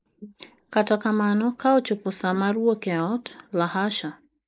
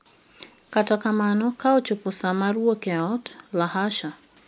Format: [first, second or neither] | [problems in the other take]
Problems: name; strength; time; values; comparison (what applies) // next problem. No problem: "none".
second | noise reduction (neural mask model Resemble Enhance denoiser)